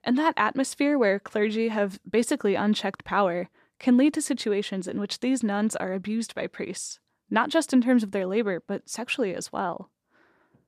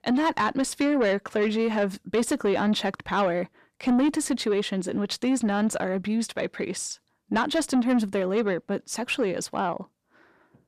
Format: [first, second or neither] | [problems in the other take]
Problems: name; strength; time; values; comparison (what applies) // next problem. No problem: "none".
first | distortion; slight; 10 dB below the speech